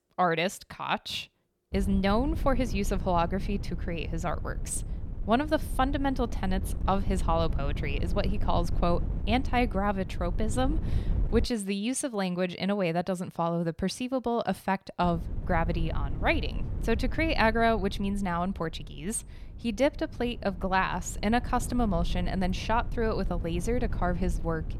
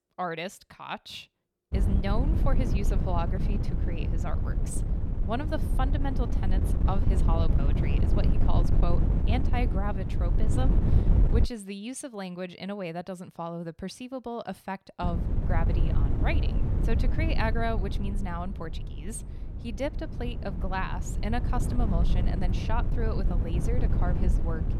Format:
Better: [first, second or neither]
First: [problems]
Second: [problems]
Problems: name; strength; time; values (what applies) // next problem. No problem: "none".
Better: first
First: wind noise on the microphone; occasional gusts; from 1.5 to 11 s and from 15 s on; 20 dB below the speech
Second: wind noise on the microphone; heavy; from 1.5 to 11 s and from 15 s on; 5 dB below the speech